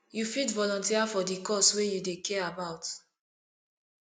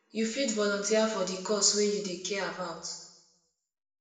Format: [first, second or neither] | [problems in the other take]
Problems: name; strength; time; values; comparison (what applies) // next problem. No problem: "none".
first | room echo; dies away in 0.9 s